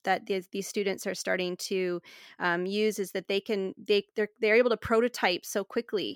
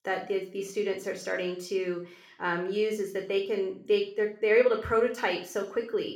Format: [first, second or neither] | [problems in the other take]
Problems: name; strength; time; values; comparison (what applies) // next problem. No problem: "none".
first | room echo; slight; dies away in 0.4 s // off-mic speech; somewhat distant